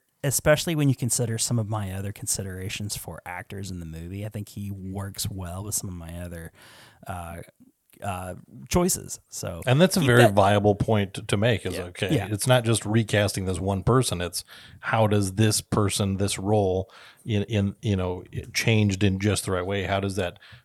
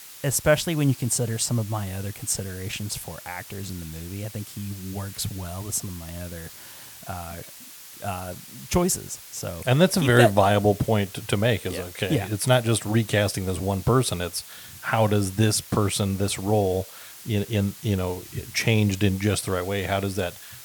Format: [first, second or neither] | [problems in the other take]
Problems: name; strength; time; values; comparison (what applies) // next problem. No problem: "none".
first | hiss; noticeable; throughout; 15 dB below the speech